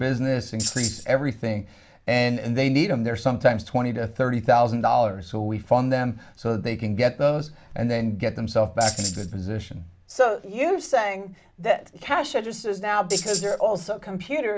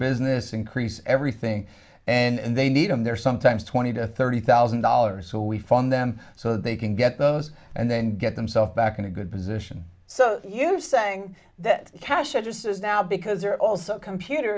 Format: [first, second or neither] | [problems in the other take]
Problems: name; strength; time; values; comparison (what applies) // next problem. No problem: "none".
second | background sound (Tambourine); 6 dB below the speech